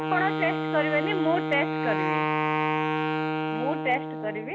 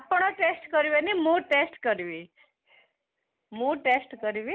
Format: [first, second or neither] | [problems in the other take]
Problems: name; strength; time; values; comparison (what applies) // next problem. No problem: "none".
second | background sound (Wind instrument, woodwind instrument); 2 dB above the speech